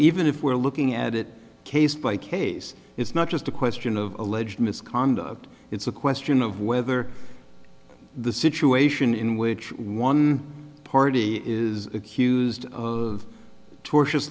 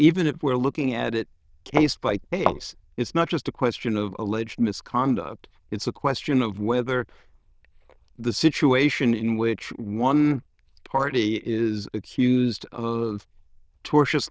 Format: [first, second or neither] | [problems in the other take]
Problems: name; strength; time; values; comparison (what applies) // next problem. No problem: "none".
first | noise reduction (neural diffusion model UNIVERSE++)